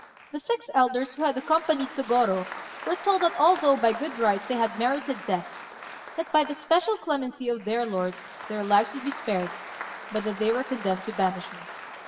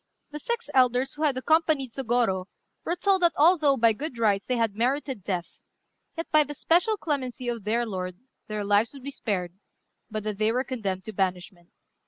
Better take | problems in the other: second | background sound (Applause); 14 dB below the speech // room echo; dies away in 2.7 s

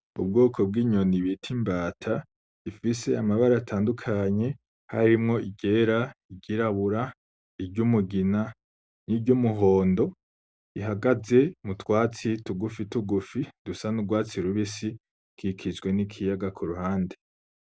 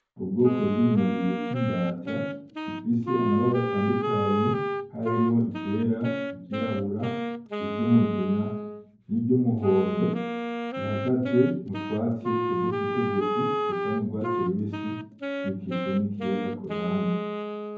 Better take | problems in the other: first | background sound (Wind instrument, woodwind instrument); 4 dB below the speech // room echo; dies away in 0.9 s

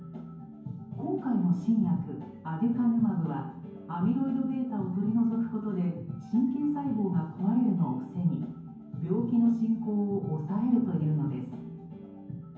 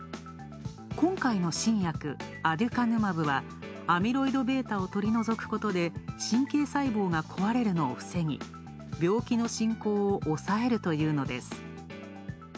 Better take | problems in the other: second | room echo; dies away in 0.9 s

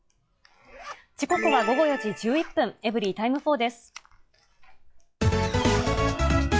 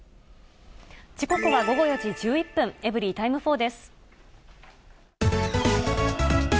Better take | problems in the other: second | noise reduction (classical method log-MMSE)

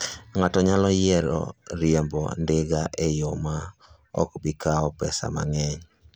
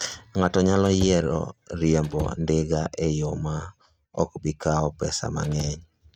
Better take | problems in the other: first | noise reduction (neural mask model RNNoise)

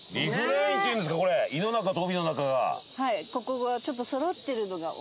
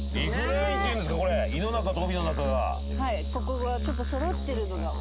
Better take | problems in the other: first | background sound (Musical instrument); as loud as the speech

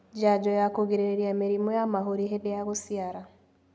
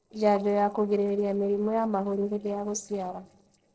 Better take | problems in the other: first | noise reduction (neural separator model SepFormer DNS4)

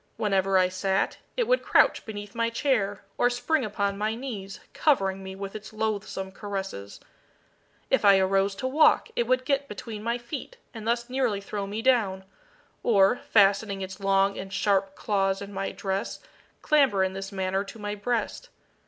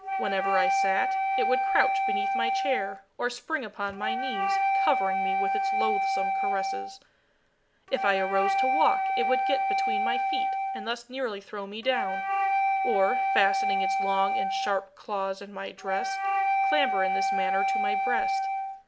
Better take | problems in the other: first | background sound (Wind instrument, woodwind instrument); 4 dB above the speech

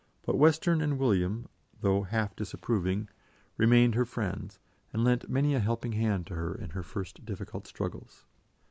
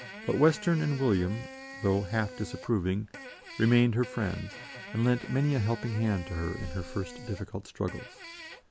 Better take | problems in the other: first | background sound (Fart); 15 dB below the speech

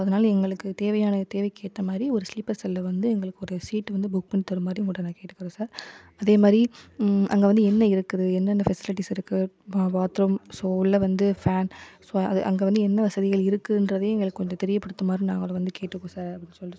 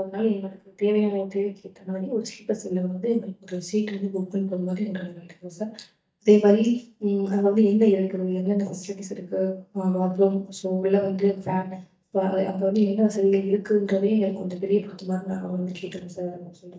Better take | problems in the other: first | noise reduction (neural mask model DeepFilterNet 3)

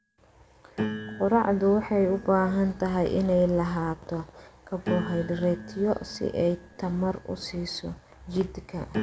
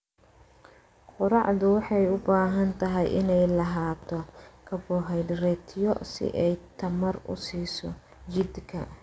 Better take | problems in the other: second | background sound (Piano); 12 dB below the speech

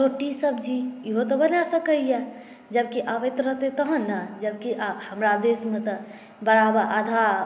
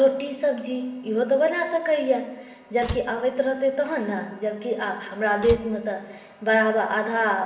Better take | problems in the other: first | background sound (Slam); 13 dB below the speech // room echo; dies away in 0.7 s

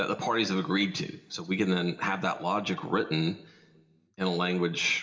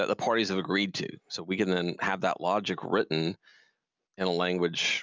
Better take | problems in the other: second | room echo; dies away in 0.9 s

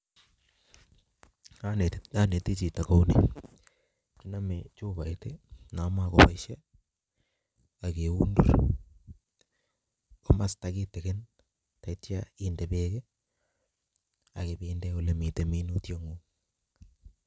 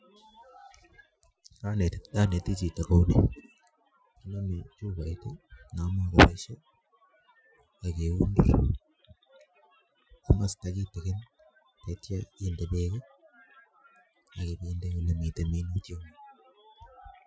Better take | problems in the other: first | noise reduction (classical method Wiener filter)

